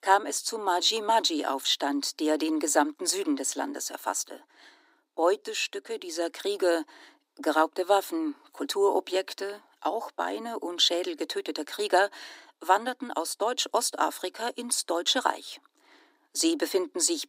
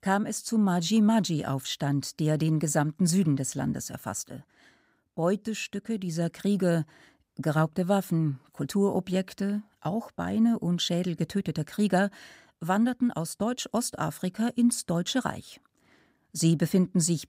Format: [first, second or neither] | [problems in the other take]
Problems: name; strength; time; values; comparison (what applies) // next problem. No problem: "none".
second | thin; very; fading below 300 Hz